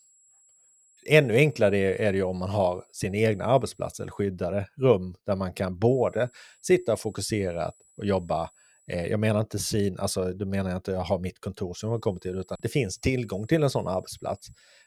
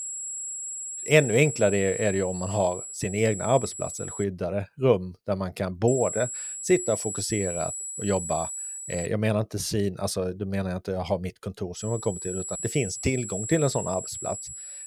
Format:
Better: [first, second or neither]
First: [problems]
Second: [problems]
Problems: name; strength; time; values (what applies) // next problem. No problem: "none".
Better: first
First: high-pitched whine; faint; until 4 s, from 6 to 9 s and from 12 s on; 7.5 kHz, 30 dB below the speech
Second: high-pitched whine; loud; until 4 s, from 6 to 9 s and from 12 s on; 7.5 kHz, 6 dB below the speech